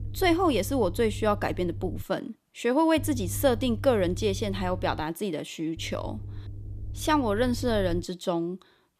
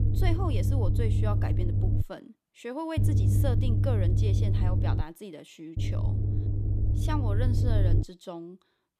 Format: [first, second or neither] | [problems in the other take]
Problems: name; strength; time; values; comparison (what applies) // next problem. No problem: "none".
first | low rumble; loud; until 2 s, from 3 to 5 s and from 6 to 8 s; 2 dB below the speech; faint in the first